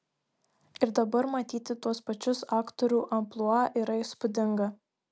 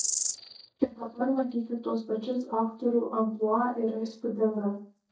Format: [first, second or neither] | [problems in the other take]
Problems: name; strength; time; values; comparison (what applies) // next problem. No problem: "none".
first | noise reduction (neural mask model DeepFilterNet 3)